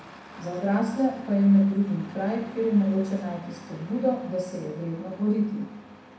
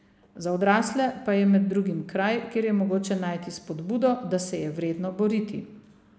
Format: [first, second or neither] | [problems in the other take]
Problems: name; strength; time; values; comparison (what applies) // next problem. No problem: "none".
second | background sound (Engine starting); 19 dB below the speech // room echo; dies away in 0.6 s